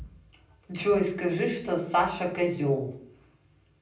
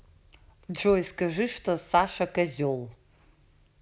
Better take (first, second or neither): second